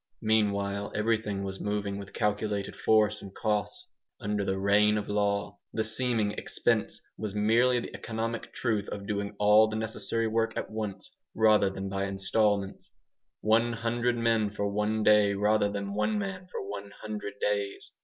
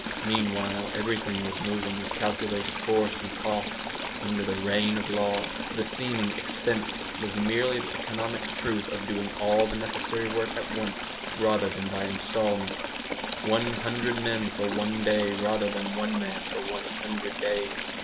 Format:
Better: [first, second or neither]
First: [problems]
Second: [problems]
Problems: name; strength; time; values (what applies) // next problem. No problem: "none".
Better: first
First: none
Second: background sound (Stream / Trickle, dribble); 4 dB below the speech // room echo; dies away in 1.1 s